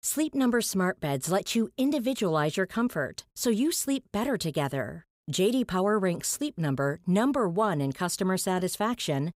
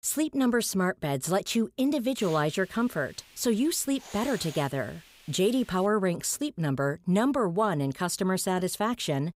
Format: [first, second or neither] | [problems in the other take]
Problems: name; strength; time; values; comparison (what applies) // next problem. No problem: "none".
first | hiss; noticeable; from 2 to 6 s; 20 dB below the speech